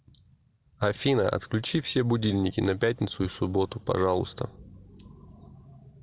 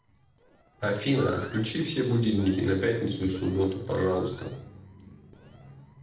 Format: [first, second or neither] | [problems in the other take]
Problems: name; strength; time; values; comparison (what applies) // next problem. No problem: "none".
first | noise reduction (neural separator model SepFormer DNS4)